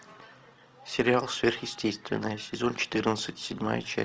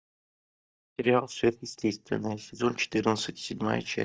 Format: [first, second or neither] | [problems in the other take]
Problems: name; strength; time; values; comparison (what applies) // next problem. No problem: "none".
first | noise reduction (neural mask model DeepFilterNet 3)